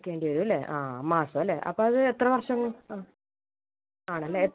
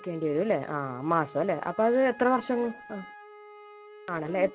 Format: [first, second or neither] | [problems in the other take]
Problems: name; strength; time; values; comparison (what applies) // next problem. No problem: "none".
first | background sound (Wind instrument, woodwind instrument); 19 dB below the speech